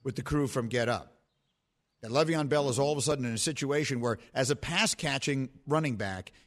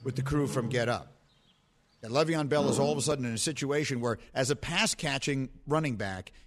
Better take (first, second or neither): first